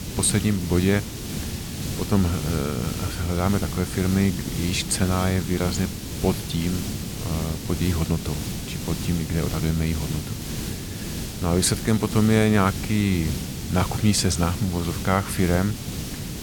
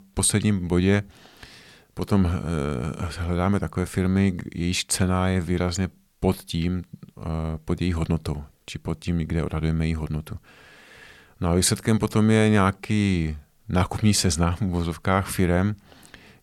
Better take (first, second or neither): second